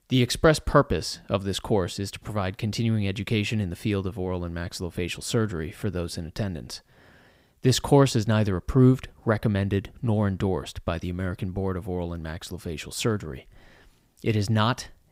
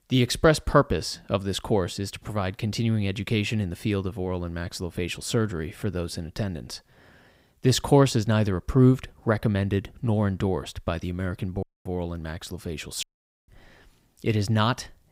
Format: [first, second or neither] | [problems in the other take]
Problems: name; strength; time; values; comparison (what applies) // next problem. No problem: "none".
first | audio cutting out; at 12 s and at 13 s